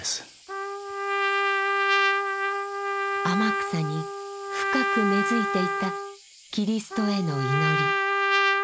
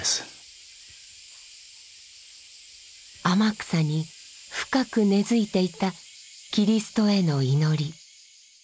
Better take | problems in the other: second | background sound (Trumpet); 4 dB above the speech

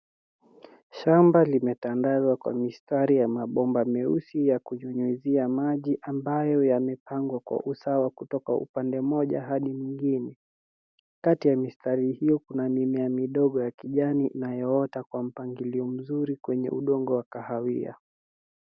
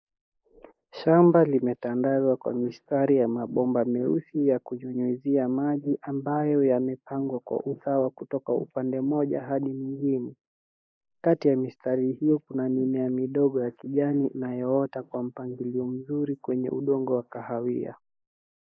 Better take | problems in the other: first | noise reduction (neural mask model Resemble Enhance denoiser)

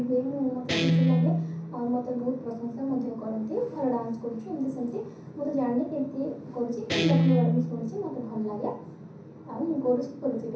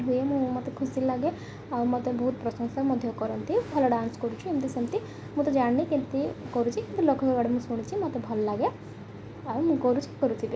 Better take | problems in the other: second | background sound (Guitar); 1 dB above the speech // room echo; dies away in 0.6 s

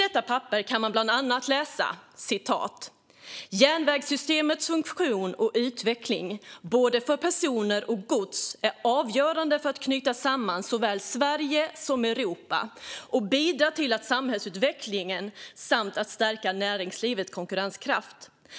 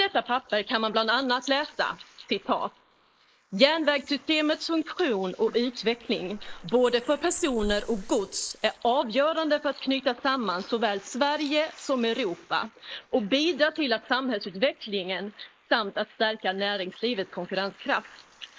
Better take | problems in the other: first | noise reduction (neural mask model Resemble Enhance denoiser)

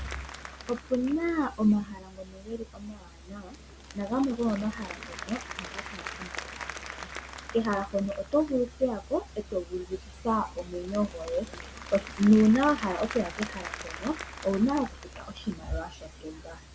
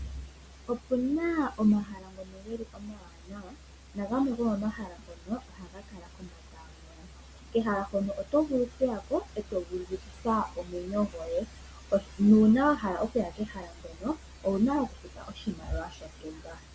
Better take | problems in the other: second | background sound (Applause / Crowd); 14 dB below the speech

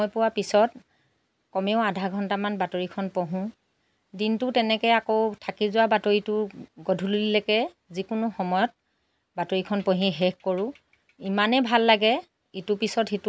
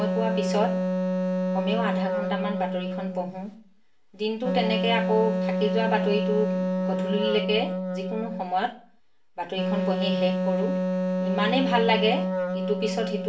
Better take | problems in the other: first | background sound (Wind instrument, woodwind instrument); 2 dB above the speech // room echo; dies away in 0.4 s

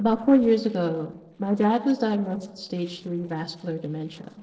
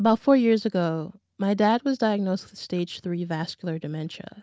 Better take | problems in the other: second | noise reduction (neural separator model SepFormer DNS4)

